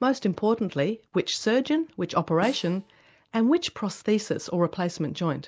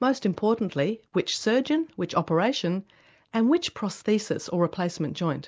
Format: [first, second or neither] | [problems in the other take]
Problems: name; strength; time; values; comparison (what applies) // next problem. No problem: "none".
second | background sound (Snare drum); 19 dB below the speech